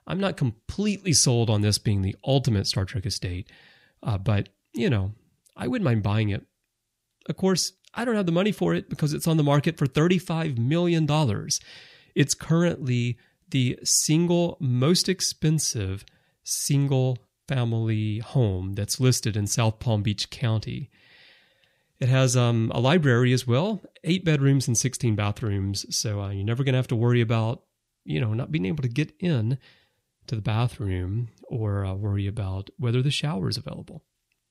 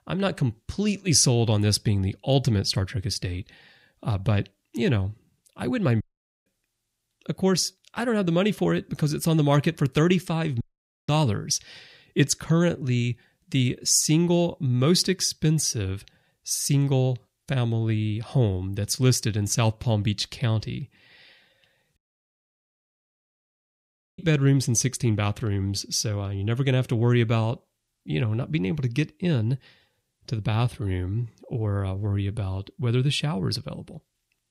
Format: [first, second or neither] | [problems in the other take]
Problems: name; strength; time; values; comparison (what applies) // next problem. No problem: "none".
first | audio cutting out; at 6 s, at 11 s and at 22 s for 2 s